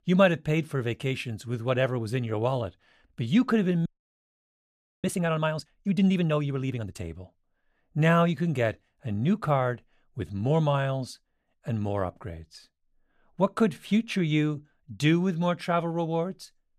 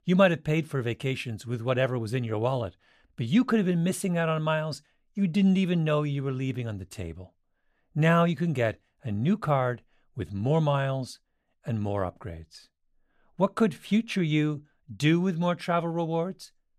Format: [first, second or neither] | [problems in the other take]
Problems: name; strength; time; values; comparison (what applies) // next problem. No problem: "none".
second | audio freezing; at 4 s for 1 s